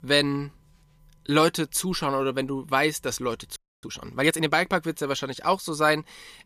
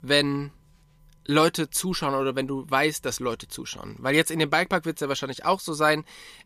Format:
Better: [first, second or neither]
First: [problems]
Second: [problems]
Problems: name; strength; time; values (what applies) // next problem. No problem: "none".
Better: second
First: audio freezing; at 3.5 s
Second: none